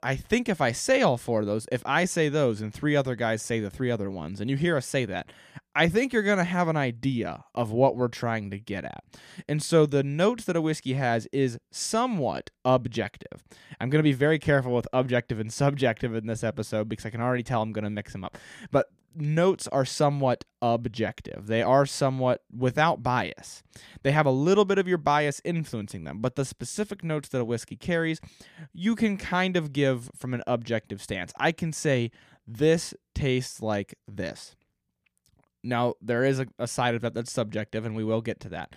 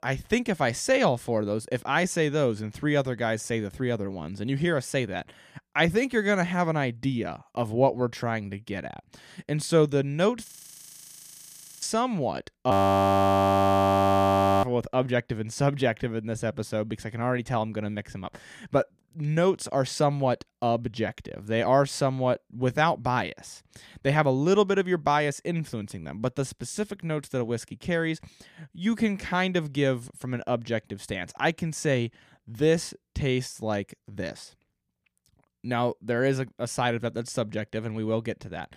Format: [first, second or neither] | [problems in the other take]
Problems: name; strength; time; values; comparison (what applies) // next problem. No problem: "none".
first | audio freezing; at 10 s for 1.5 s and at 13 s for 2 s